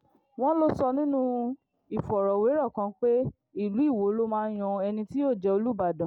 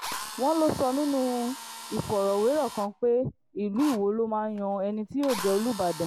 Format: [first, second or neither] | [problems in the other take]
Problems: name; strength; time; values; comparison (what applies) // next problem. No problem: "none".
first | background sound (Drill); 13 dB below the speech